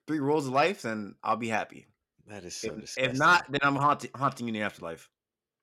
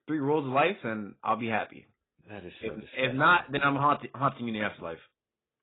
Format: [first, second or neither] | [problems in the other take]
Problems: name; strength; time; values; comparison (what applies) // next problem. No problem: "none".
first | garbled, watery; badly; nothing above 4 kHz